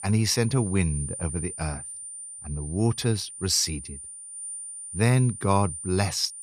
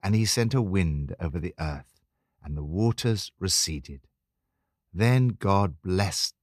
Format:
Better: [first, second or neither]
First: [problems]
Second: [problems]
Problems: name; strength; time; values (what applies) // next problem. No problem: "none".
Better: second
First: high-pitched whine; loud; throughout; 9 kHz, 10 dB below the speech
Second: none